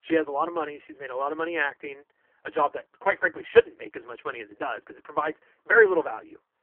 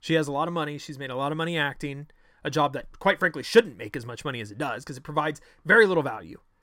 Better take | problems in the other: second | phone-call audio; poor line; nothing above 3 kHz

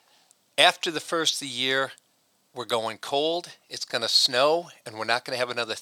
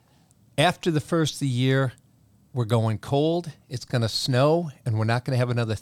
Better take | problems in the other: second | thin; very; fading below 550 Hz

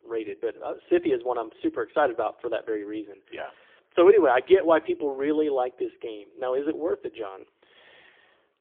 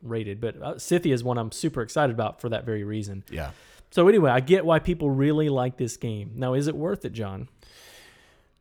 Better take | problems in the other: second | phone-call audio; poor line; nothing above 3.5 kHz

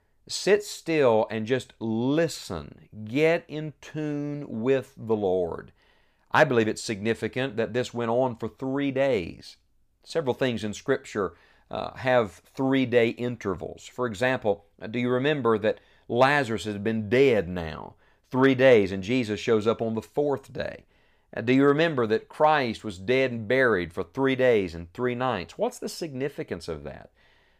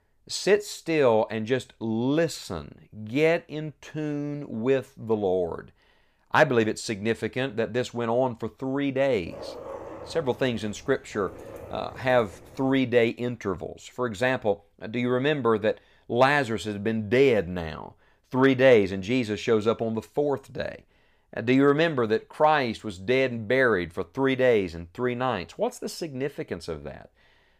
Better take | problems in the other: first | dog barking; faint; from 9.5 to 13 s; peak 15 dB below the speech

